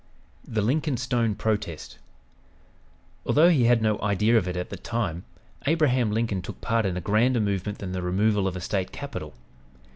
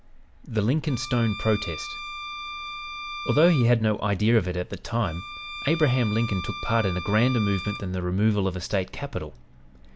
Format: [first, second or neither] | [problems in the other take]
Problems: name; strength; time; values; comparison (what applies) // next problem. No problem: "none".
first | background sound (Bowed string instrument); 11 dB below the speech